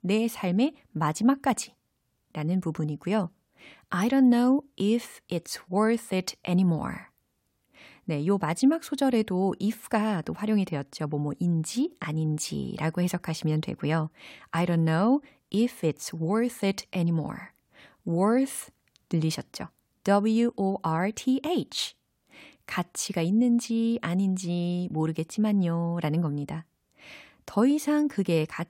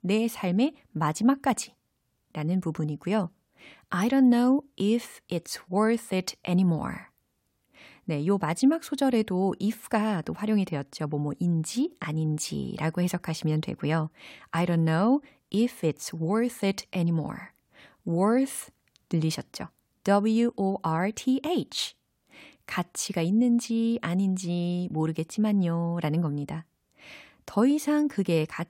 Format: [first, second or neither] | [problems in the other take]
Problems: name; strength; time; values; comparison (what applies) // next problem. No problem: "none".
neither | none